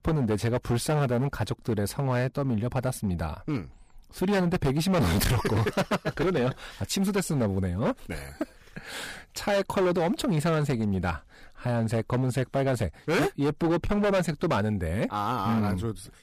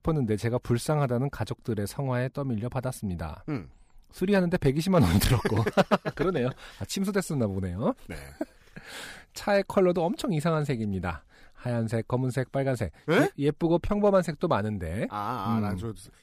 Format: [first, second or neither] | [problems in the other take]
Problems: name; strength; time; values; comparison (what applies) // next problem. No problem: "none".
second | distortion; heavy; 13% of the sound clipped